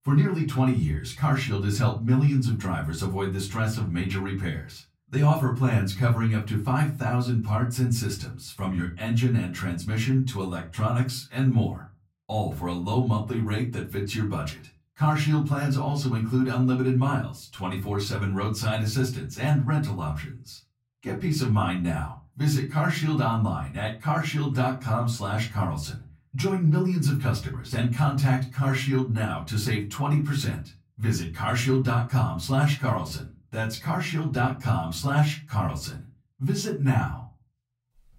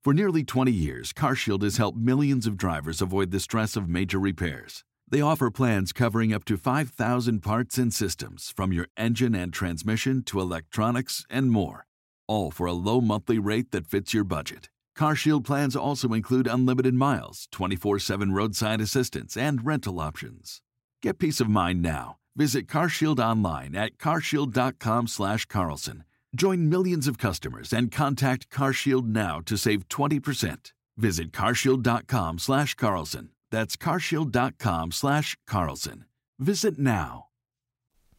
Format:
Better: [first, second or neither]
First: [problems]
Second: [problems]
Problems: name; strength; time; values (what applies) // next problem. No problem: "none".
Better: second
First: off-mic speech; far // room echo; very slight; dies away in 0.3 s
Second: none